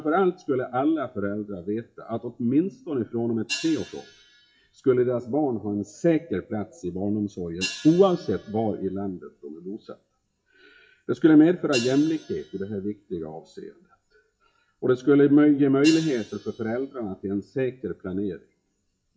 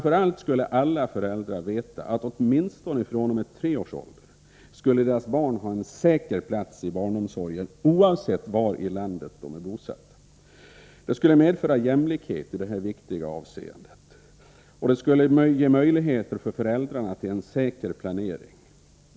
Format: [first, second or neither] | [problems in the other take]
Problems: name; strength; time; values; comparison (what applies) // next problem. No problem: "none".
second | noise reduction (classical method WPE with log-MMSE)